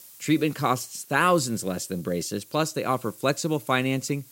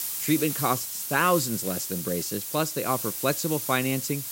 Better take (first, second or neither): first